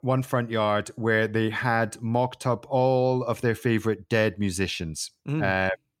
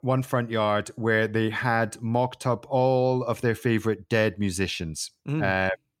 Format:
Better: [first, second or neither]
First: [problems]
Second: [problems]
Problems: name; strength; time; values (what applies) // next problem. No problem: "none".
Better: neither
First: none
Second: none